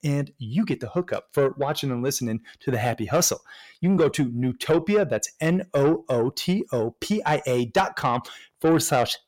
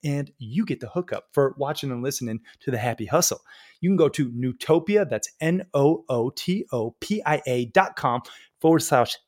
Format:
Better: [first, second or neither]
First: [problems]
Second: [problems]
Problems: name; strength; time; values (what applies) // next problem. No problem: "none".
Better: second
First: distortion; slight; 10 dB below the speech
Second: none